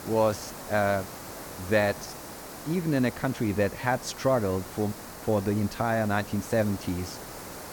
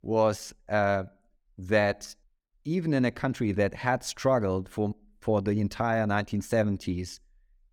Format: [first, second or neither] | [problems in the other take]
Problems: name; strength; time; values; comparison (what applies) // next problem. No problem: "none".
second | hiss; noticeable; throughout; 10 dB below the speech